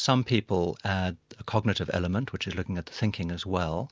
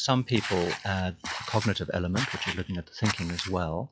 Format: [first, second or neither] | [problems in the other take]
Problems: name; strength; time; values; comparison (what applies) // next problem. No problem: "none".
first | noise reduction (classical method log-MMSE)